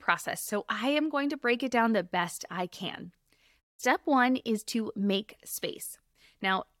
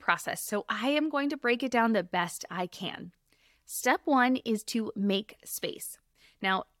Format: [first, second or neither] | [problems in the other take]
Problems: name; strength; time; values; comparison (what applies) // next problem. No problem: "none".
second | audio cutting out; at 3.5 s